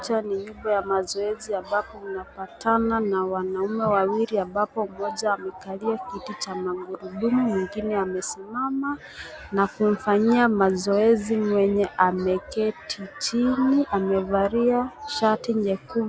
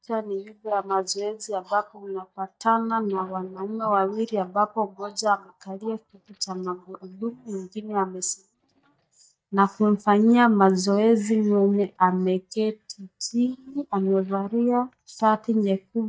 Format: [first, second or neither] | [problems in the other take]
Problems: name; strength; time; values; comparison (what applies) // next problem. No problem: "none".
first | noise reduction (neural mask model DeepFilterNet 3)